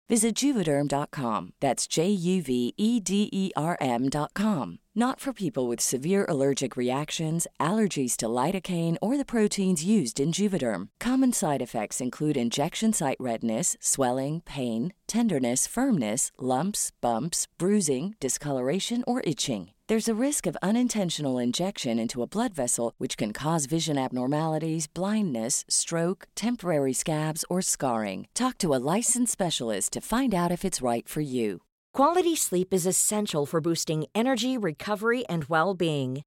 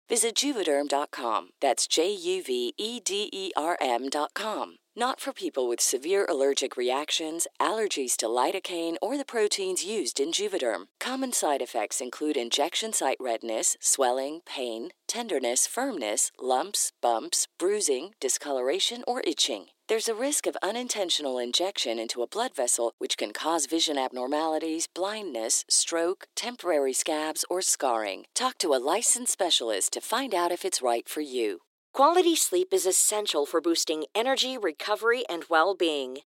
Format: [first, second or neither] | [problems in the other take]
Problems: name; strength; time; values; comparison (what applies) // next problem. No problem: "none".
first | thin; somewhat; fading below 300 Hz